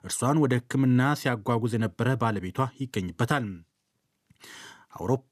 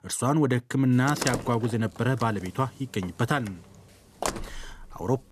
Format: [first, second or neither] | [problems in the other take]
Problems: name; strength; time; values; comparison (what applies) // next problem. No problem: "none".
first | door banging; noticeable; from 1 s on; peak 4 dB below the speech